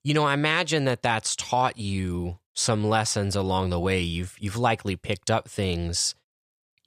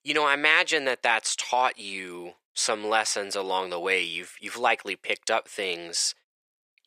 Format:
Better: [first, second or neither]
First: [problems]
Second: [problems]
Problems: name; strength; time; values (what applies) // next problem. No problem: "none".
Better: first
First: none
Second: thin; very; fading below 350 Hz